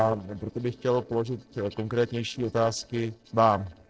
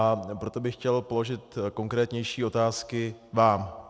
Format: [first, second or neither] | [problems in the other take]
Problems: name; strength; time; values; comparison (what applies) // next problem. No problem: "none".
second | noise reduction (neural separator model SepFormer DNS4)